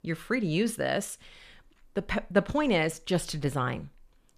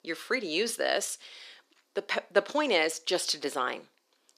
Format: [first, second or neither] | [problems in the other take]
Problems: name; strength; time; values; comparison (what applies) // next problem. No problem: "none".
first | thin; somewhat; fading below 300 Hz